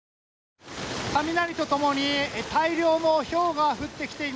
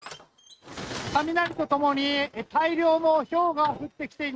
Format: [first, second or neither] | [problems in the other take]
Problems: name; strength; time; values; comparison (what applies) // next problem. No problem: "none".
first | noise reduction (neural mask model RNNoise)